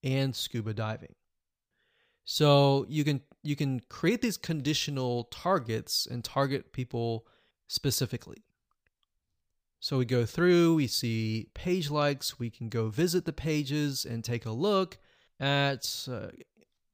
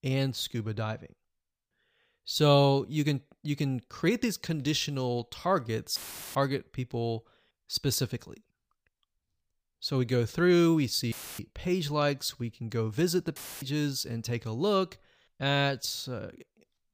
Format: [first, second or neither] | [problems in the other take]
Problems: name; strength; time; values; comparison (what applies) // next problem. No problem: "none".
first | audio cutting out; filled with static; at 6 s, at 11 s and at 13 s